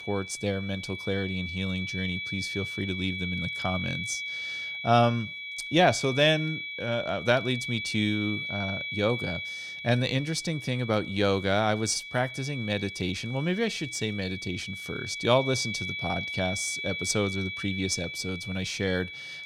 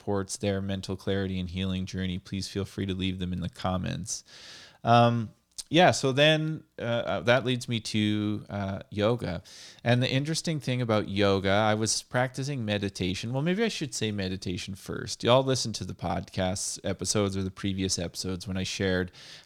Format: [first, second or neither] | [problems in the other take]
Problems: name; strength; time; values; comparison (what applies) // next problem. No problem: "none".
second | high-pitched whine; loud; throughout; 2.5 kHz, 5 dB below the speech